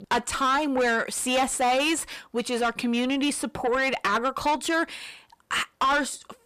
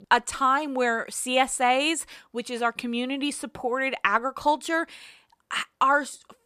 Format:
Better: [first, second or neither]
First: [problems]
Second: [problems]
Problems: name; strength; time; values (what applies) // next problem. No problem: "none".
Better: second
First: distortion; heavy; 6 dB below the speech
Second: none